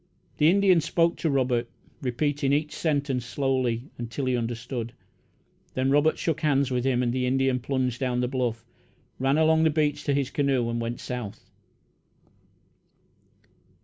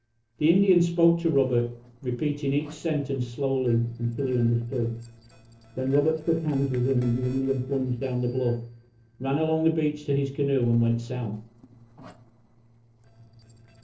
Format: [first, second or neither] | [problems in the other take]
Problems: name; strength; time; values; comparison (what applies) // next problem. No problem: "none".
first | noise reduction (neural separator model SepFormer DNS4)